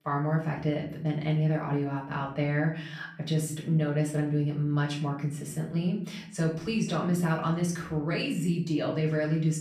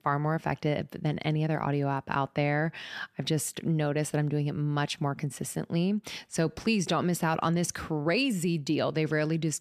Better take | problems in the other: second | off-mic speech; far // room echo; slight; dies away in 0.5 s

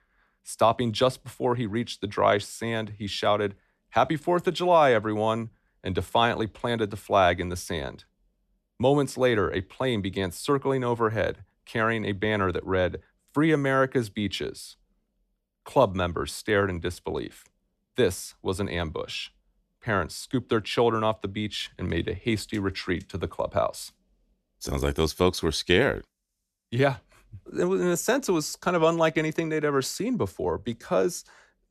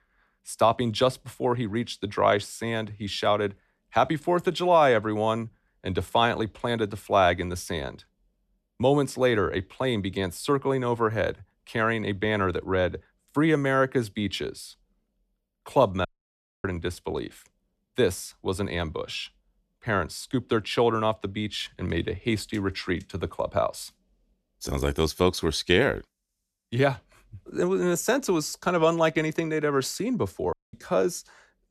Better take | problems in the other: first | audio cutting out; at 16 s for 0.5 s and at 31 s

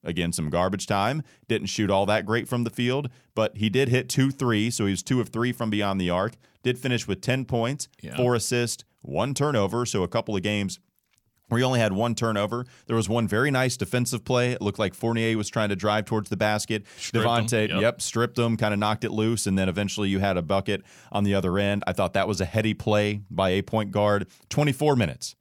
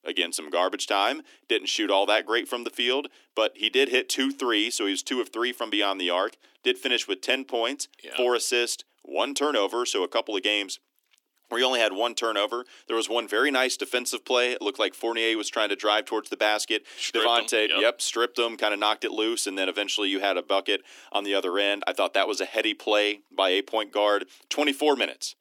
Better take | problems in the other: first | thin; somewhat; fading below 300 Hz

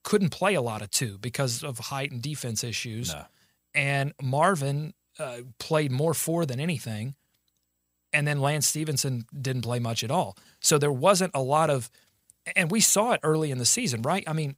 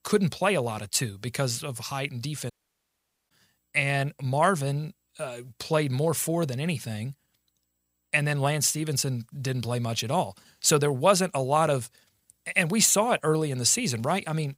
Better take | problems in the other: first | audio cutting out; at 2.5 s for 1 s

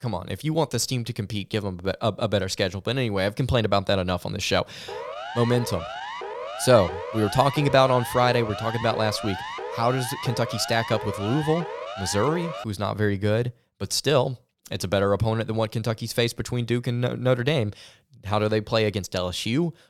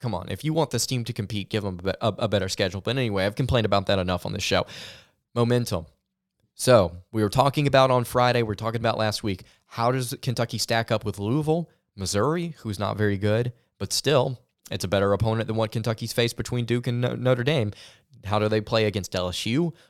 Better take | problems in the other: second | siren; noticeable; from 5 to 13 s; peak 8 dB below the speech

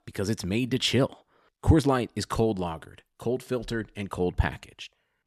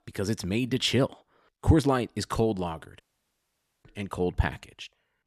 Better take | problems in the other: first | audio cutting out; at 3 s for 1 s

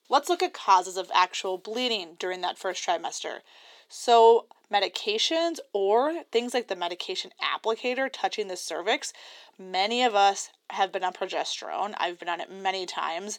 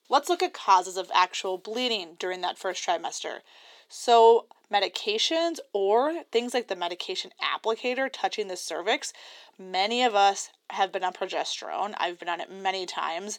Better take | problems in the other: neither | thin; somewhat; fading below 350 Hz; the same in both

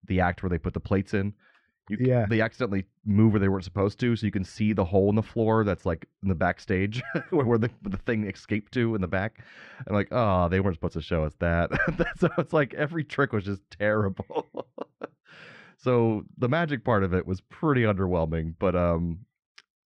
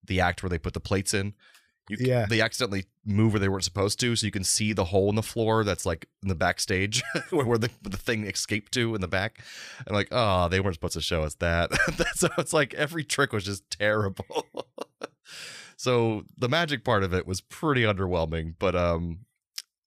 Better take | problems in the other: second | muffled; very; fading above 2 kHz

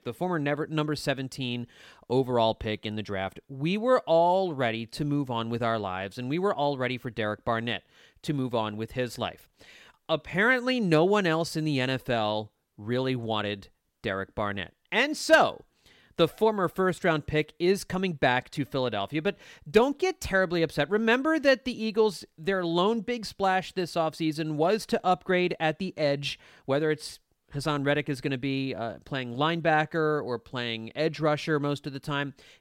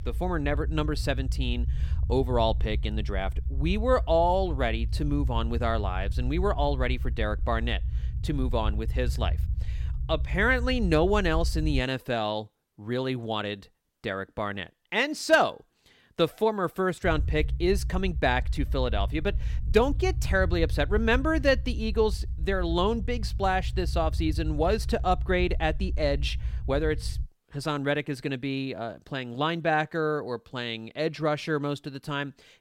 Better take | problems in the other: first | low rumble; faint; until 12 s and from 17 to 27 s; 20 dB below the speech

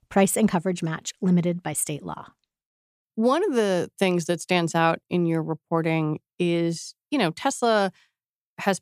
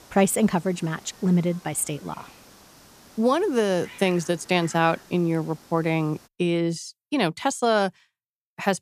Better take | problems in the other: first | hiss; faint; until 6.5 s; 25 dB below the speech

